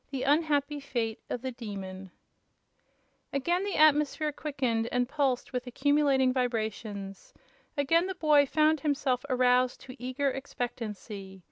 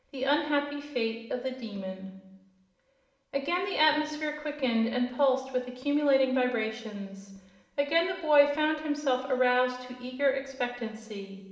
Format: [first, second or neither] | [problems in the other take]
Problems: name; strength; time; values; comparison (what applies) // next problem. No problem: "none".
first | room echo; dies away in 1 s